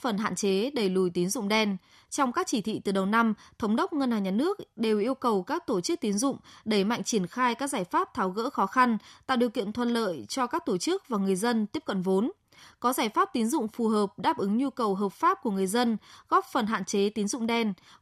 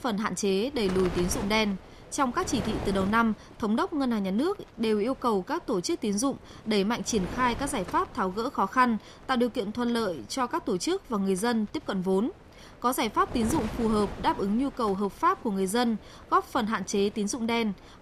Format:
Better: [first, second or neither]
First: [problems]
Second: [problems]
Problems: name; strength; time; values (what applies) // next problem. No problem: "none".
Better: first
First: none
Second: wind noise on the microphone; occasional gusts; 15 dB below the speech